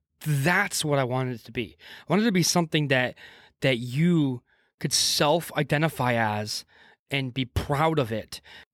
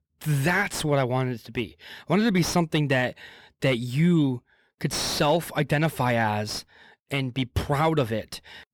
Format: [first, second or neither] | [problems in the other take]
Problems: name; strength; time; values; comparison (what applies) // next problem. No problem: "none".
first | distortion; slight; 10 dB below the speech